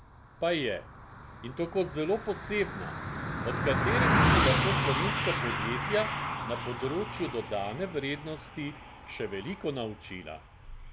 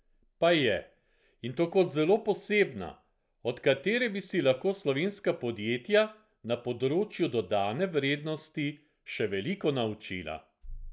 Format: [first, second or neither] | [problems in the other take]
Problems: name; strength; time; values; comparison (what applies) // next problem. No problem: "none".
second | background sound (Car passing by); 2 dB above the speech